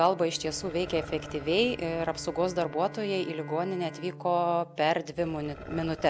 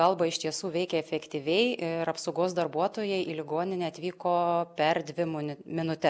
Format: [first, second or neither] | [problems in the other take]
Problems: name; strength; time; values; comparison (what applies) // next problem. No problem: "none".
second | background sound (Bowed string instrument + Growling); 15 dB below the speech